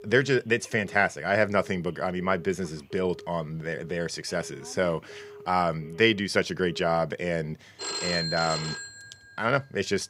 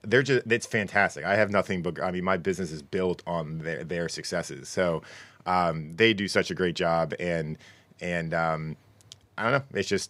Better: second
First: alarms or sirens; loud; throughout; 10 dB below the speech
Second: none

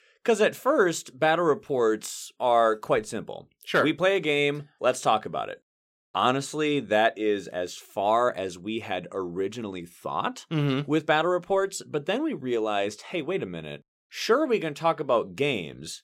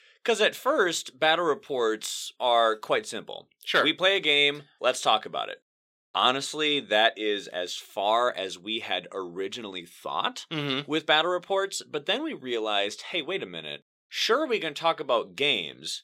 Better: first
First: none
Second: thin; very slightly; fading below 850 Hz

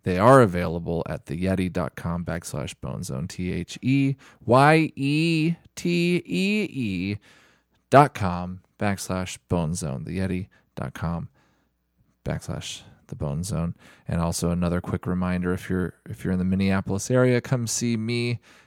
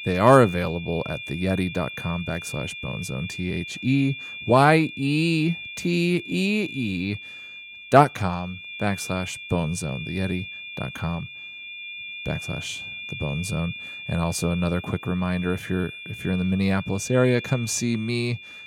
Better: first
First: none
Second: high-pitched whine; noticeable; throughout; 2.5 kHz, 10 dB below the speech

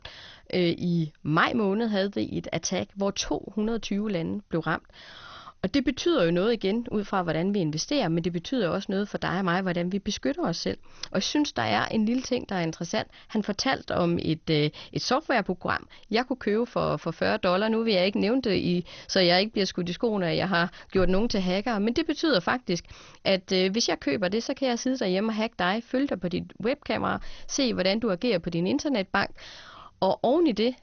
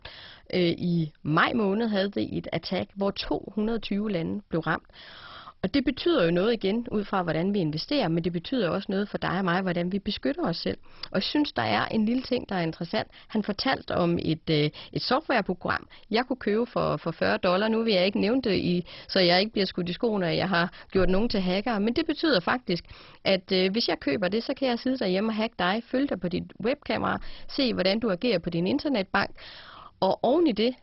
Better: first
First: garbled, watery; slightly; nothing above 6 kHz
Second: garbled, watery; badly; nothing above 5.5 kHz

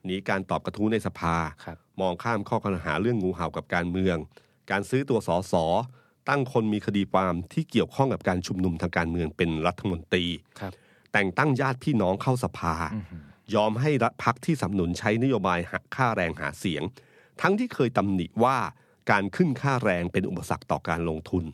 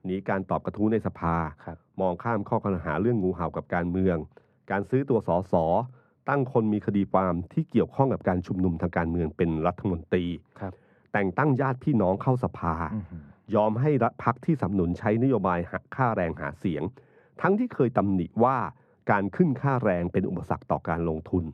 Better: first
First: none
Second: muffled; very; fading above 2.5 kHz

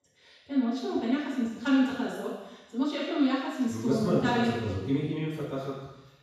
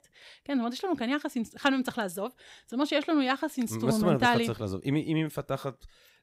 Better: second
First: room echo; strong; dies away in 1.1 s // off-mic speech; far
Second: none

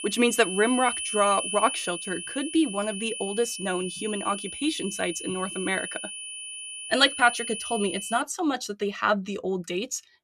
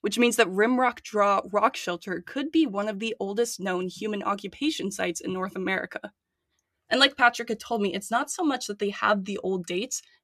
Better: second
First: high-pitched whine; loud; until 8 s; 3 kHz, 6 dB below the speech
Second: none

